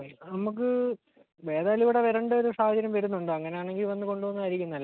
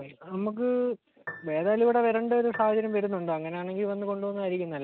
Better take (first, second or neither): first